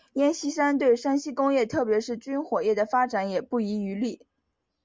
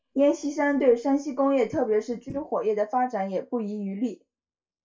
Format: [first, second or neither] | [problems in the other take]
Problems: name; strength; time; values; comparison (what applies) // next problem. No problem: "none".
first | noise reduction (neural mask model DeepFilterNet 3)